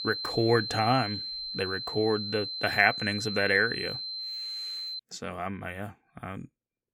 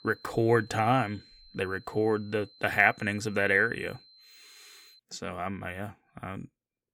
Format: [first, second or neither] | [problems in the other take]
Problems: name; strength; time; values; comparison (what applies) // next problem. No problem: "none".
second | high-pitched whine; loud; until 5 s; 4 kHz, 5 dB below the speech; faint in the second